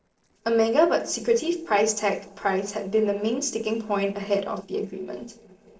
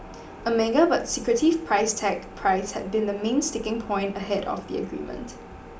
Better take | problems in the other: second | noise reduction (neural separator model SepFormer DNS4)

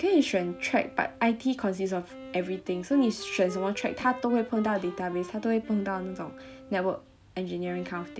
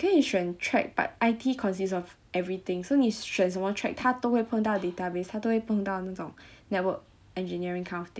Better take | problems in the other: second | background sound (Wind instrument, woodwind instrument); 16 dB below the speech

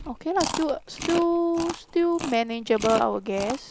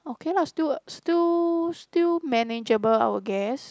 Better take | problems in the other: second | background sound (Chewing, mastication); 11 dB below the speech

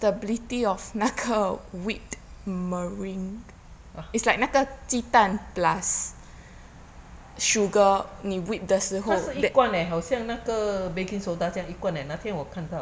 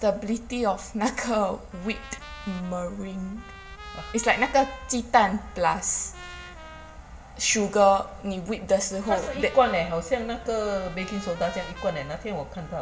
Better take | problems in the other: first | background sound (Trumpet); 19 dB below the speech // room echo; dies away in 0.4 s

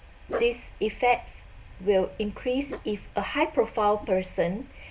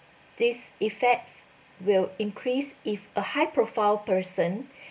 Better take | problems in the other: second | background sound (Dog); 14 dB below the speech

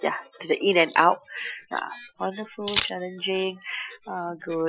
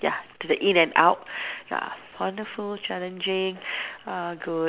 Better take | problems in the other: second | noise reduction (classical method Wiener filter)

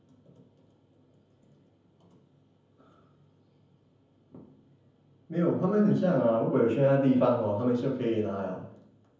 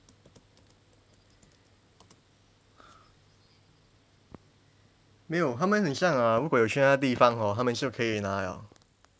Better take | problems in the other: second | room echo; dies away in 0.7 s

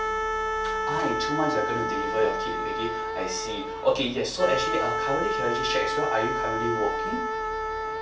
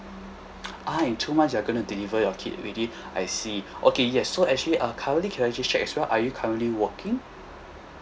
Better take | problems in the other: second | background sound (Wind instrument, woodwind instrument); 1 dB above the speech // room echo; dies away in 0.3 s

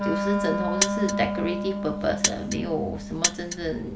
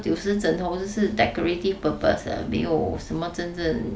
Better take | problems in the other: second | background sound (Wind instrument, woodwind instrument + Mechanisms); 1 dB above the speech

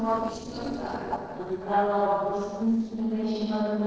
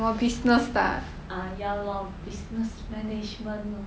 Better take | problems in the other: second | noise reduction (neural separator model SepFormer DNS4)

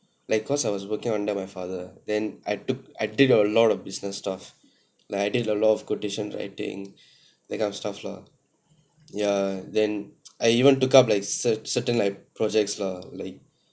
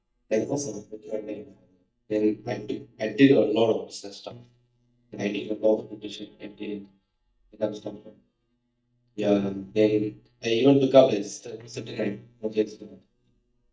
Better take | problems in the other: first | noise reduction (neural mask model DeepFilterNet 3)

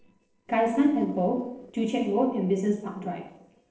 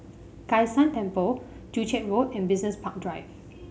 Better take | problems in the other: second | noise reduction (neural separator model SepFormer DNS4)

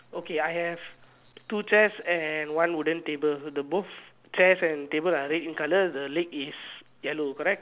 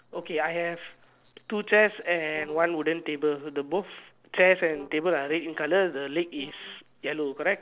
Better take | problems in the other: first | noise reduction (neural separator model SepFormer DNS4)

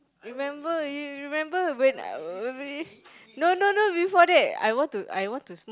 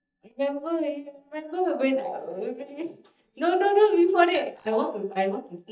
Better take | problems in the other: first | noise reduction (neural mask model DeepFilterNet 3)

